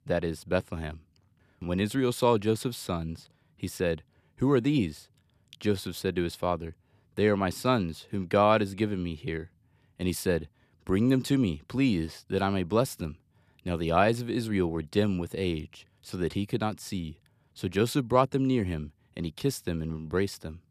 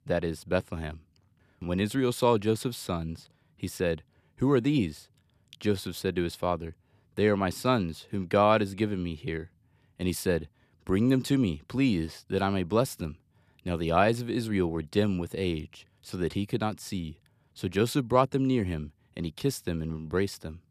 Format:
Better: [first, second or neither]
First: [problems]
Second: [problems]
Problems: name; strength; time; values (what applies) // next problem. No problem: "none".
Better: neither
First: none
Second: none